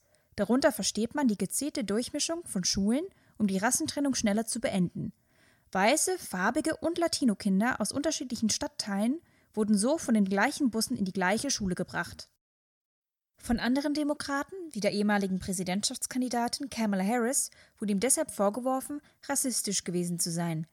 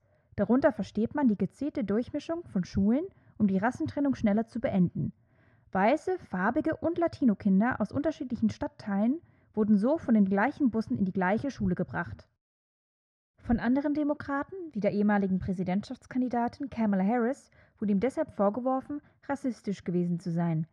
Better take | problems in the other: first | muffled; very; fading above 1.5 kHz

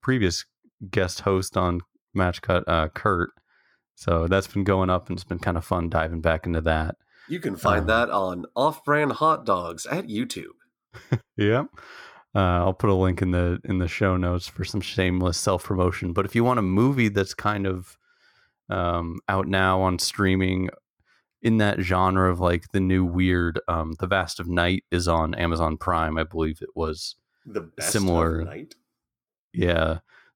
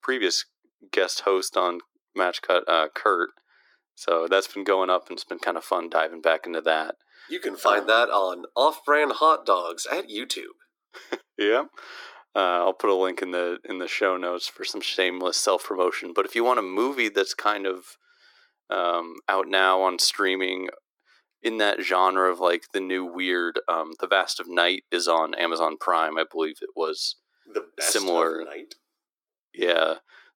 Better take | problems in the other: first | thin; very; fading below 350 Hz

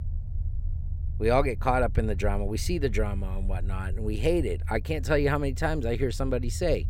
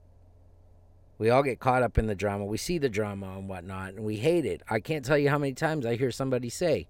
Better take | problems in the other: second | low rumble; faint; throughout; 20 dB below the speech

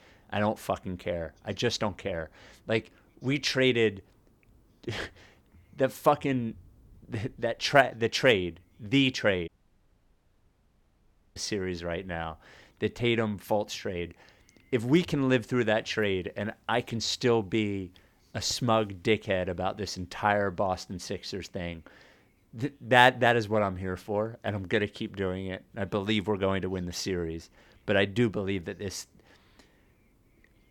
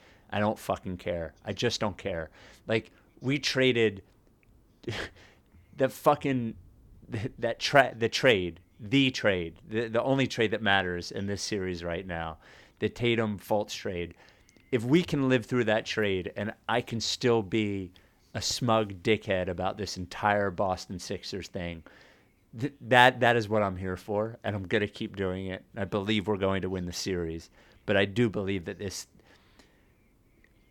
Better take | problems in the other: second | audio cutting out; at 9.5 s for 2 s

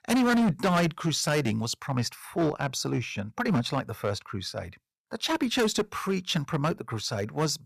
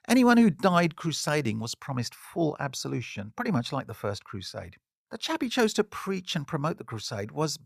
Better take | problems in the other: second | distortion; heavy; 8% of the sound clipped

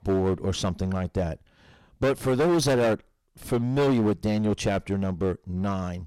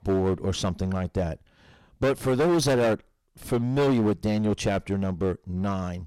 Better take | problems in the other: neither | distortion; heavy; 13% of the sound clipped; the same in both

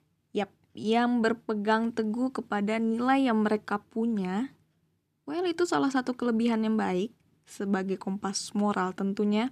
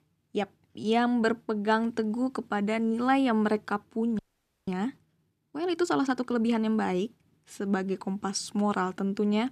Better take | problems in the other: first | audio freezing; at 4 s

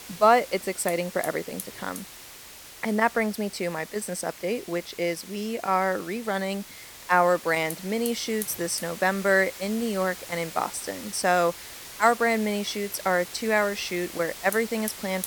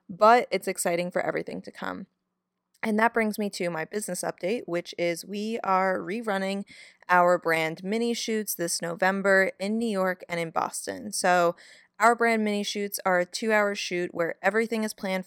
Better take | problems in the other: second | hiss; noticeable; throughout; 15 dB below the speech

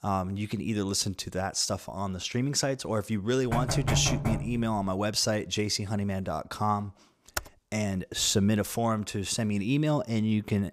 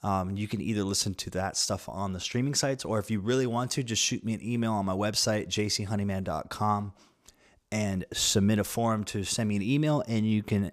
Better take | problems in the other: second | door banging; loud; from 3.5 to 5 s; peak level with the speech // keyboard typing; very faint; at 7.5 s; peak 8 dB below the speech

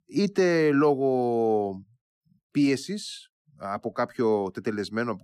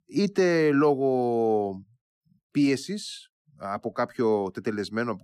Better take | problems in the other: neither | none

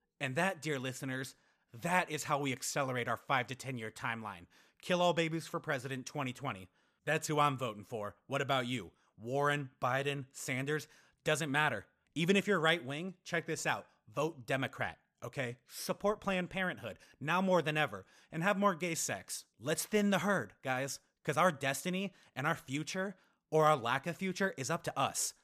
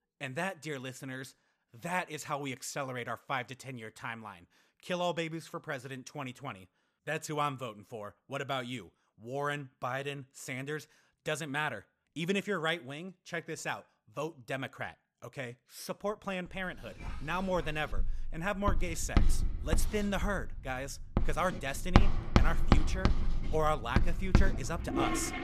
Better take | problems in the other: first | household noises; very loud; from 17 s on; 3 dB above the speech

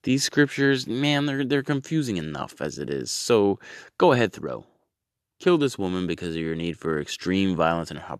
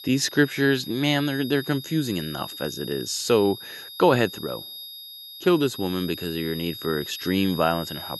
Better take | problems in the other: first | high-pitched whine; noticeable; throughout; 3.5 kHz, 10 dB below the speech

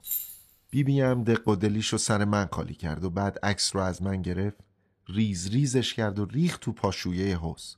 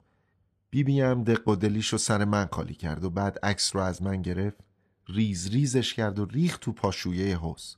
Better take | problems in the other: second | jangling keys; noticeable; at the start; peak 3 dB below the speech

